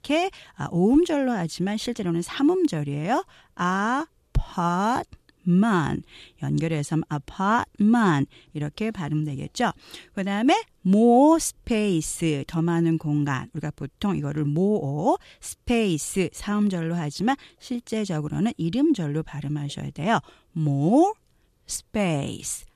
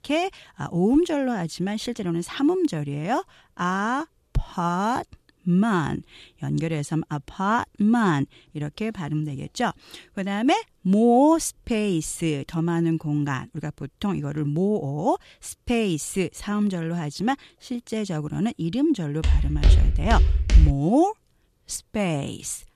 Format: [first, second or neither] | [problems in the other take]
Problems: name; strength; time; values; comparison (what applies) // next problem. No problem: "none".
first | footsteps; loud; from 19 to 21 s; peak 6 dB above the speech